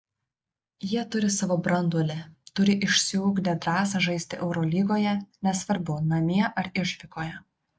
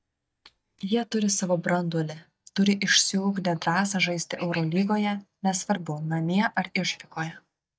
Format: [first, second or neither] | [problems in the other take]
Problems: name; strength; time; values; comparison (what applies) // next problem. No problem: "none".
first | noise reduction (neural mask model DeepFilterNet 3)